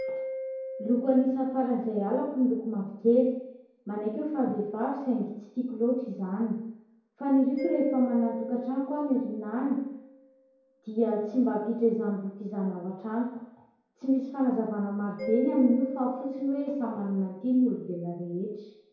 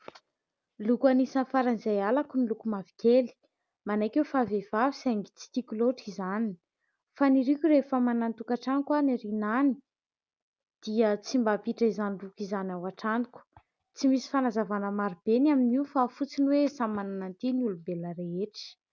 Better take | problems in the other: second | background sound (Mallet percussion); 13 dB below the speech // room echo; dies away in 0.9 s

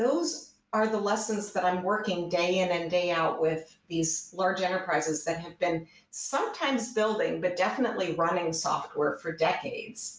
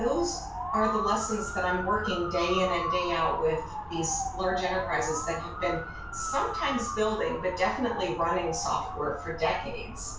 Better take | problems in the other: first | background sound (Motor vehicle (road) / Siren); 5 dB below the speech // room echo; dies away in 0.3 s

